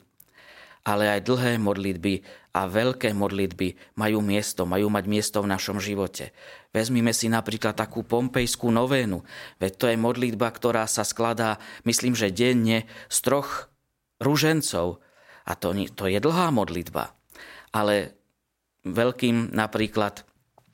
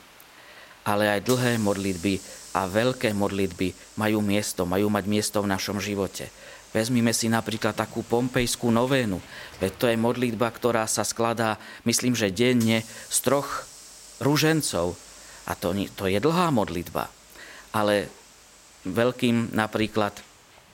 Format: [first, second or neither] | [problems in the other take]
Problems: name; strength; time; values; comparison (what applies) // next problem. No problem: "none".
first | hiss; noticeable; throughout; 20 dB below the speech